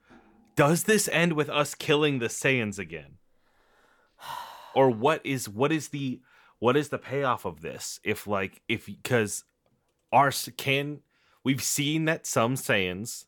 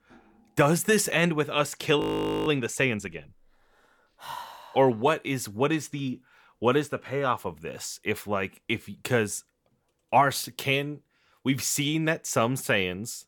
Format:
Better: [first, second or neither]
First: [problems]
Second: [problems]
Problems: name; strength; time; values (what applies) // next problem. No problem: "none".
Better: first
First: none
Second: audio freezing; at 2 s